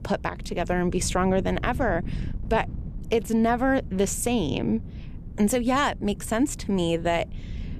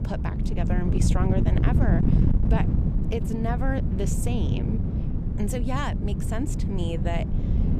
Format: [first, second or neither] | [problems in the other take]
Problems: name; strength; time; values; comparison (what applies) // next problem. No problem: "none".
first | wind noise on the microphone; heavy; 2 dB below the speech; occasional gusts in the first